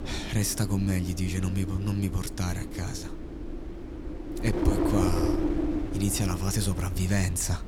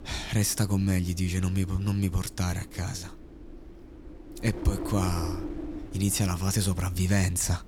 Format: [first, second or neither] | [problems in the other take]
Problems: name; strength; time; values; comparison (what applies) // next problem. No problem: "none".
second | wind noise on the microphone; heavy; 2 dB below the speech; occasional gusts in the second